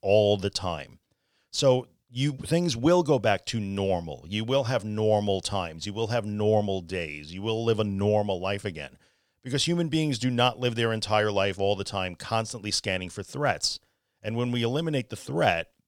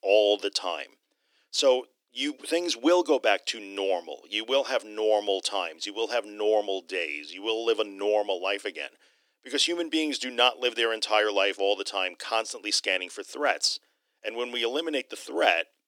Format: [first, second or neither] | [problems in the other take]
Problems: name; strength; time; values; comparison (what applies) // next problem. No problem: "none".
first | thin; somewhat; fading below 300 Hz